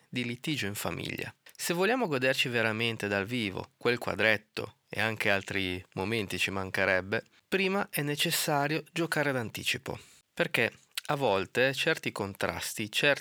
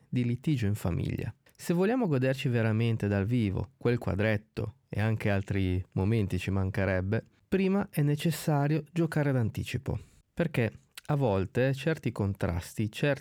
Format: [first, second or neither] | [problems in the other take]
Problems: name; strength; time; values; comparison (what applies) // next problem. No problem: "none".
second | thin; somewhat; fading below 1 kHz